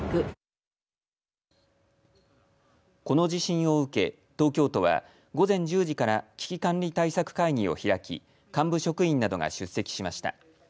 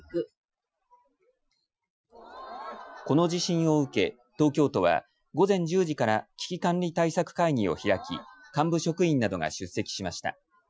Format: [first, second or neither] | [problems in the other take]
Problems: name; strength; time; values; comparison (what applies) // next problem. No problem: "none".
first | noise reduction (classical method Wiener filter)